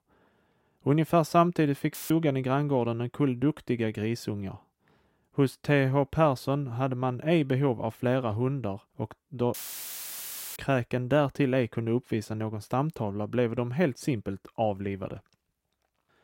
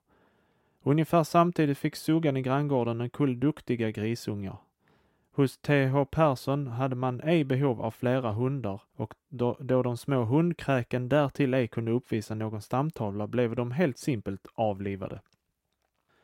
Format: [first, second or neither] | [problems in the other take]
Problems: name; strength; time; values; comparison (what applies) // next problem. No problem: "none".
second | audio cutting out; filled with static; at 2 s and at 9.5 s for 1 s